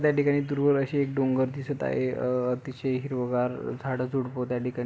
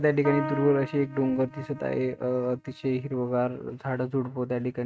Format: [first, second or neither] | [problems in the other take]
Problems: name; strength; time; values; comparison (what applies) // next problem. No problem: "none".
first | noise reduction (neural mask model RNNoise)